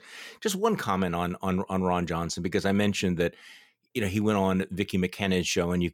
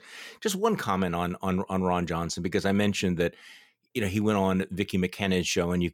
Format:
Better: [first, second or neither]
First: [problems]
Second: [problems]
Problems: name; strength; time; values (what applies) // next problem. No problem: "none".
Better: neither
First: none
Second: none